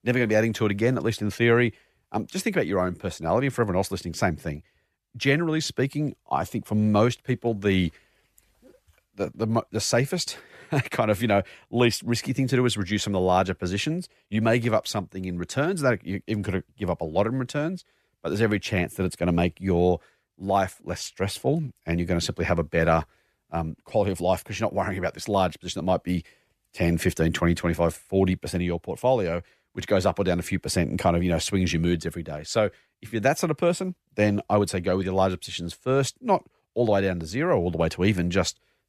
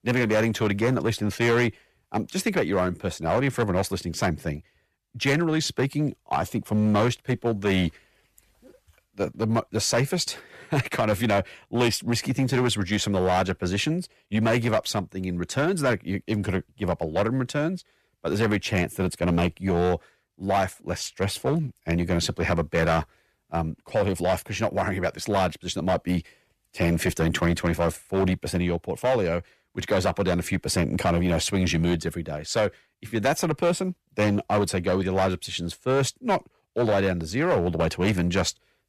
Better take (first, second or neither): first